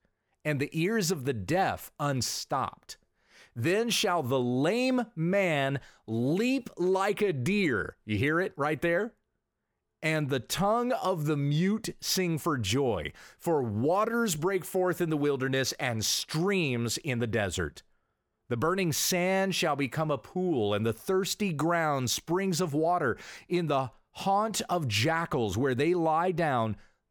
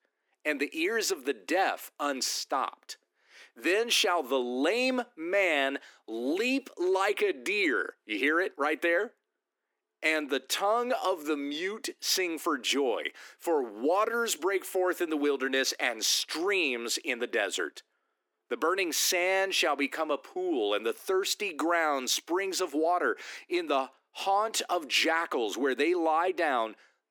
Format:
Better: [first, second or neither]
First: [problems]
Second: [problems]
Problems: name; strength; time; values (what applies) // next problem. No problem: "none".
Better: first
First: none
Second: thin; somewhat; fading below 250 Hz